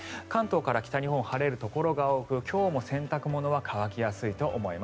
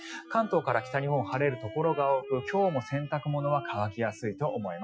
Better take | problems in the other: first | noise reduction (classical method Wiener filter)

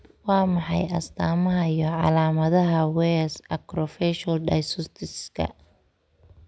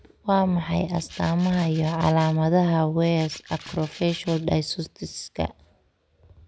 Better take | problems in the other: first | background sound (Rattle (instrument)); 19 dB below the speech

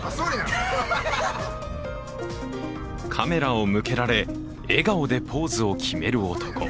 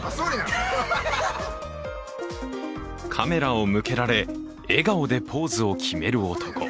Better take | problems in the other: second | background sound (Engine); 12 dB below the speech

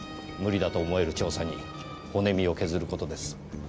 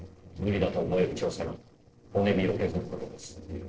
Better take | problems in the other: first | noise reduction (neural separator model SepFormer DNS4)

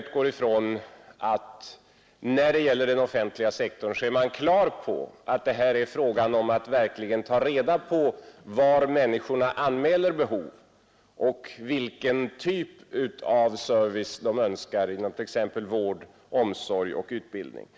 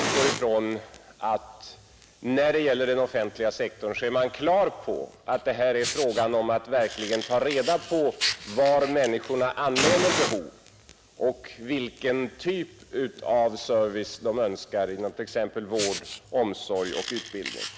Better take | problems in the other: first | background sound (Fire); 9 dB below the speech

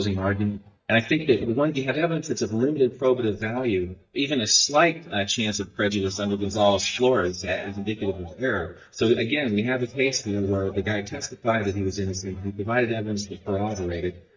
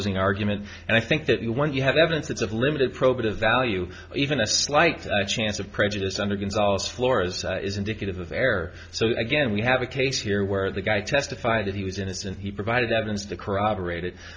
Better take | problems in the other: second | noise reduction (neural mask model DeepFilterNet 3)

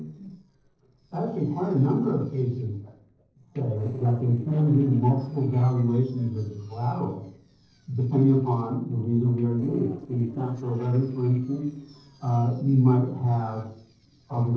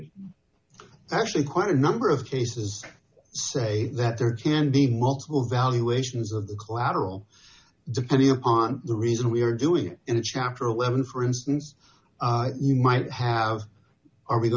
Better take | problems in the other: second | noise reduction (neural separator model SepFormer DNS4)

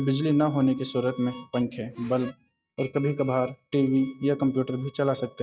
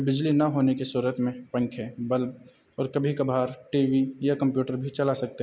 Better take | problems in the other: second | noise reduction (neural mask model RNNoise)

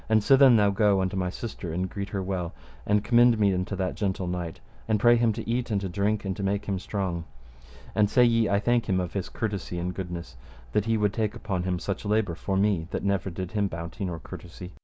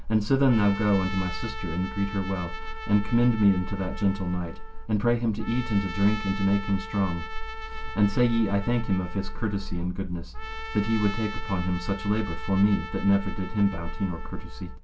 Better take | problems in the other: first | background sound (Trumpet); 14 dB below the speech // room echo; dies away in 0.2 s

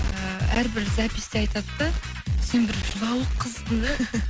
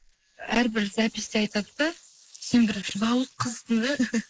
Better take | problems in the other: first | noise reduction (neural mask model Resemble Enhance denoiser)

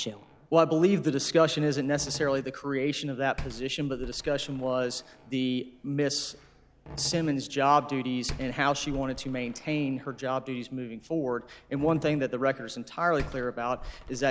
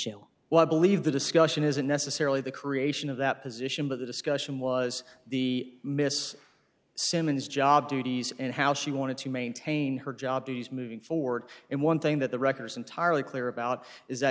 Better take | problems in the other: second | background sound (Slam); 16 dB below the speech

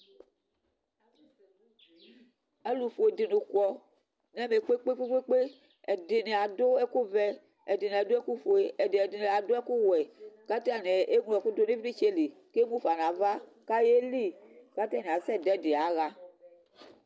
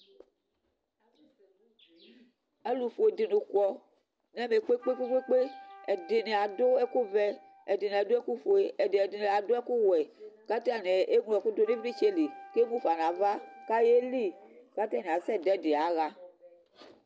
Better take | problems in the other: first | background sound (Wind instrument, woodwind instrument); 20 dB below the speech

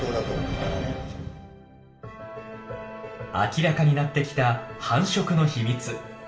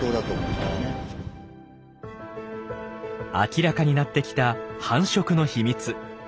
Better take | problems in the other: second | room echo; dies away in 0.6 s

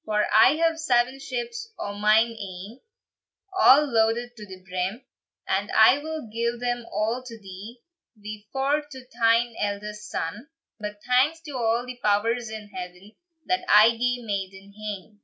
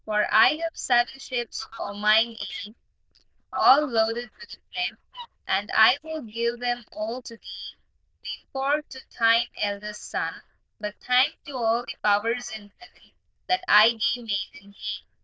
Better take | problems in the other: first | noise reduction (neural diffusion model UNIVERSE++)

